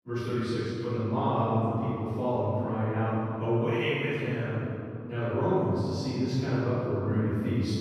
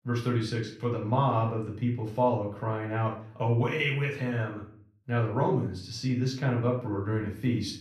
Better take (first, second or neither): second